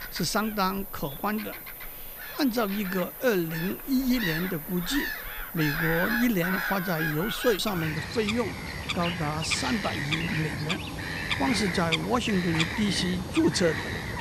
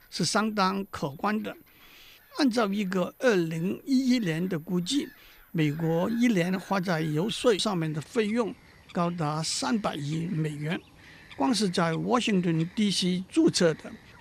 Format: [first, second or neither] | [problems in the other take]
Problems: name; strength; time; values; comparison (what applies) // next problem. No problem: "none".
second | animal sounds; loud; throughout; 3 dB below the speech; faint in the second